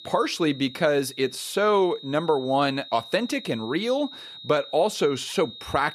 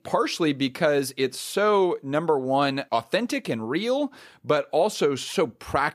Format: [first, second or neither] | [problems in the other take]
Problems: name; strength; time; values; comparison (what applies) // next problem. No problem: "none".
second | high-pitched whine; noticeable; throughout; 3.5 kHz, 15 dB below the speech